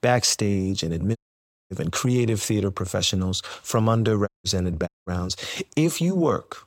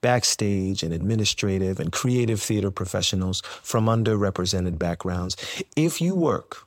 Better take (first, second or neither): second